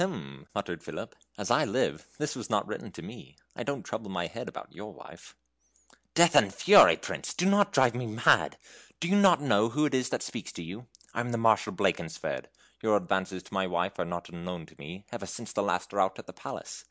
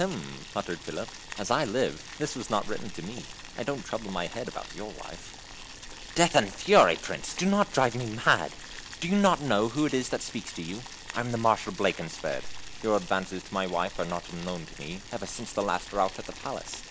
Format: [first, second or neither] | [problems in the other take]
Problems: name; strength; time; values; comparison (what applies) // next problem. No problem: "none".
first | background sound (Boiling); 12 dB below the speech